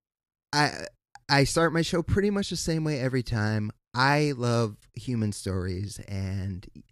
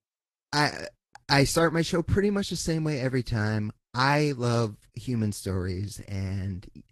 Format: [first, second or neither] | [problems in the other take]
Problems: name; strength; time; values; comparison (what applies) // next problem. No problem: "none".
first | garbled, watery; slightly; nothing above 12 kHz